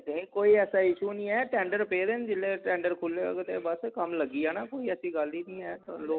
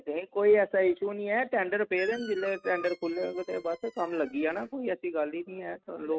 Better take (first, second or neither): first